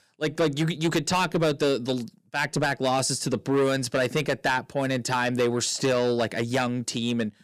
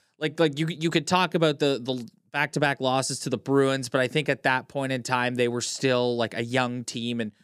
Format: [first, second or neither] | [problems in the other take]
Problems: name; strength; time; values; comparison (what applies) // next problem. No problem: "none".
second | distortion; heavy; 8 dB below the speech